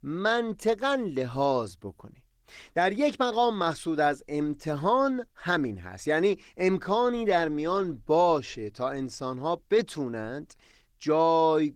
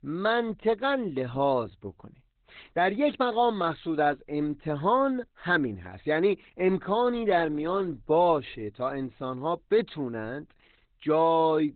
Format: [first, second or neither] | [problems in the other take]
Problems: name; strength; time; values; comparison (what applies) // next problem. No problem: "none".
first | garbled, watery; badly; nothing above 4 kHz; slightly in the first